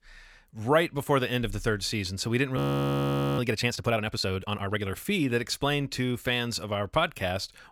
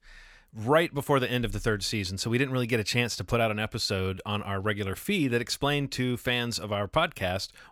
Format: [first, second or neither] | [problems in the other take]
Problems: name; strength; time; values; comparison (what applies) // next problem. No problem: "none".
second | audio freezing; at 2.5 s for 1 s